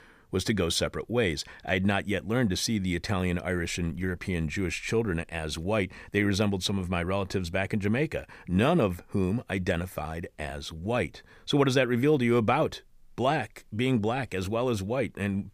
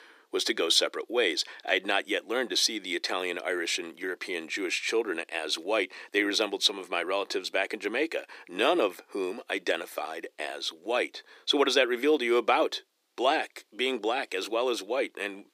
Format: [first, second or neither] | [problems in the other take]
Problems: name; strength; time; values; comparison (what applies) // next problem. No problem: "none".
first | thin; somewhat; fading below 300 Hz